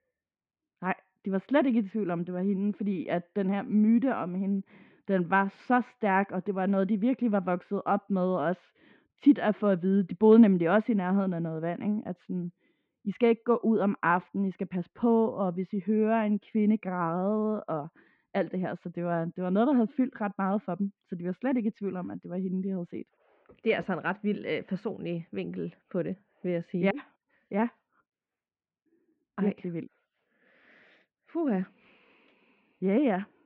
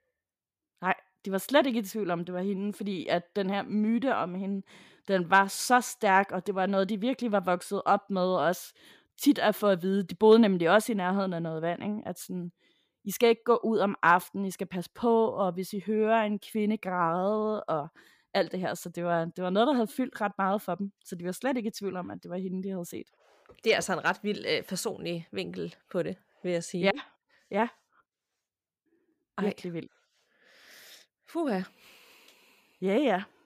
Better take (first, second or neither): second